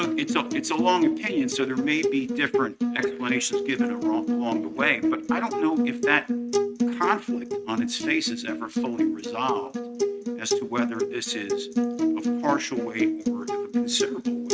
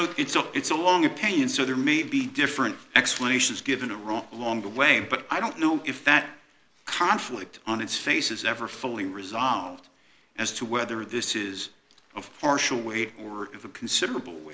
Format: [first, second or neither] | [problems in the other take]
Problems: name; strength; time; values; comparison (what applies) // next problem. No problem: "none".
second | noise reduction (neural mask model RNNoise)